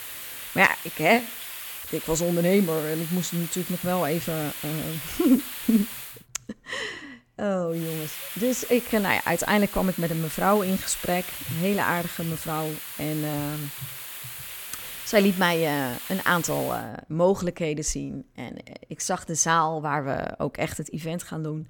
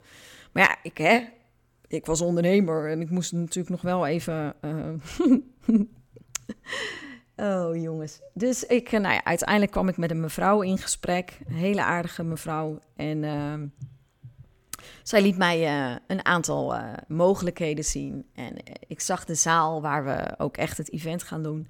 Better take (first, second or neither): second